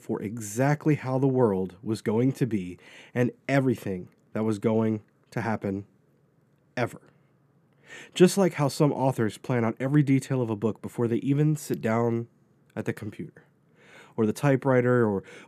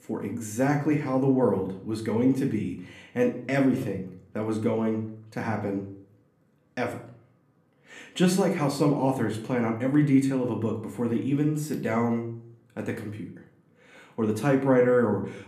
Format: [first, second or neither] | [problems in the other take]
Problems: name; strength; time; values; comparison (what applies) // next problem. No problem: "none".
first | room echo; slight; dies away in 0.4 s // off-mic speech; somewhat distant